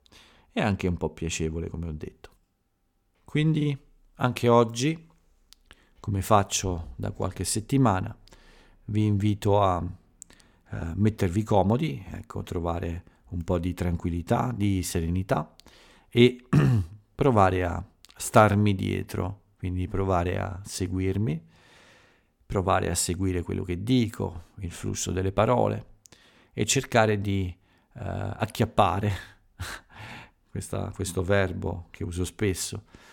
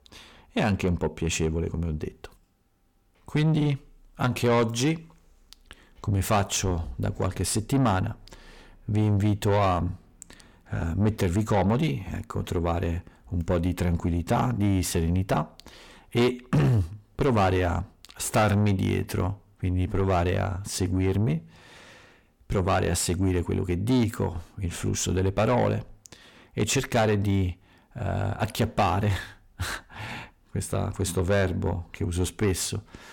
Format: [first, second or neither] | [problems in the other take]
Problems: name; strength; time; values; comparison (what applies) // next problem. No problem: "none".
first | distortion; heavy; 7 dB below the speech